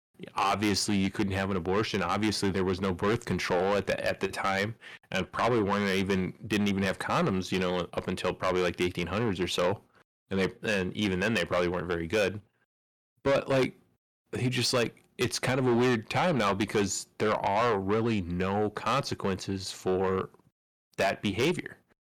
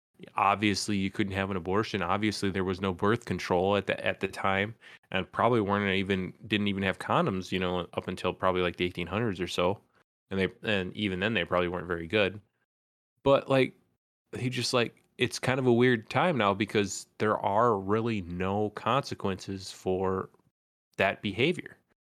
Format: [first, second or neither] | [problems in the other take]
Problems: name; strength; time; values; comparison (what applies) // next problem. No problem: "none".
second | distortion; heavy; 7 dB below the speech